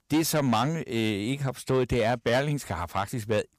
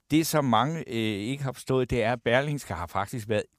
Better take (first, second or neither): second